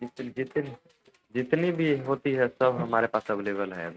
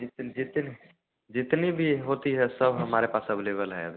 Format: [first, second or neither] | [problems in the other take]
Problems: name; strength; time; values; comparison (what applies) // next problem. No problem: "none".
second | noise reduction (neural mask model RNNoise)